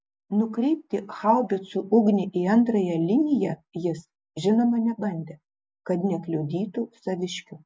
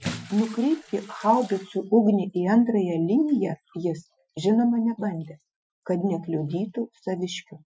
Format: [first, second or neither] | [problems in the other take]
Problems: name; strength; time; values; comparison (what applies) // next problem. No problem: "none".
first | noise reduction (classical method Wiener filter)